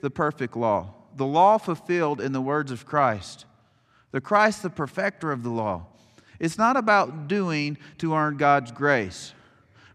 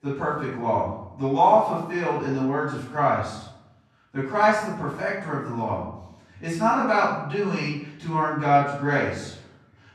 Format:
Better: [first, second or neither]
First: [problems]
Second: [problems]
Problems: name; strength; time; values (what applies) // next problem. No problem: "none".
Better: first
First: none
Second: off-mic speech; far // room echo; noticeable; dies away in 0.6 s